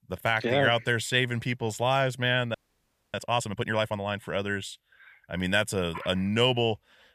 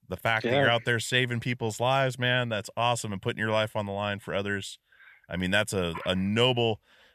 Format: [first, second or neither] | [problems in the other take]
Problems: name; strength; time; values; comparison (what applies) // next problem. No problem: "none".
second | audio freezing; at 2.5 s for 0.5 s